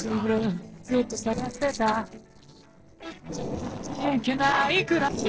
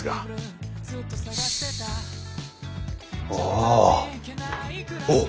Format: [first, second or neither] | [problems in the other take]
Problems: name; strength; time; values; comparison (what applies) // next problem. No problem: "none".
second | noise reduction (neural separator model SepFormer DNS4)